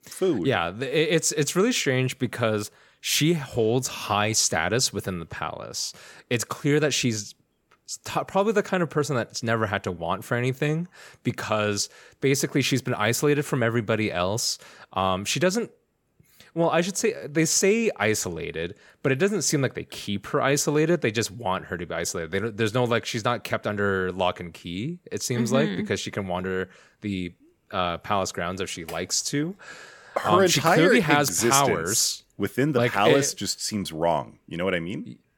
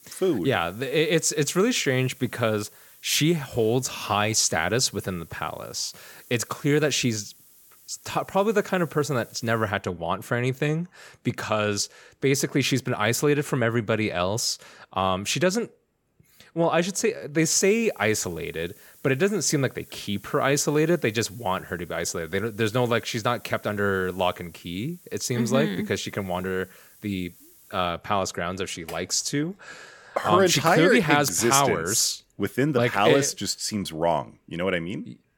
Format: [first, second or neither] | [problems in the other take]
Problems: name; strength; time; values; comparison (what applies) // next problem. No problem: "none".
first | hiss; faint; until 9.5 s and from 17 to 28 s; 25 dB below the speech